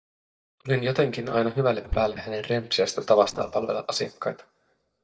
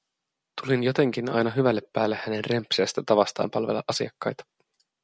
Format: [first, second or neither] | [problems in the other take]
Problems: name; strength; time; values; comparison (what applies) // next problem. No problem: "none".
second | noise reduction (neural mask model DeepFilterNet 3)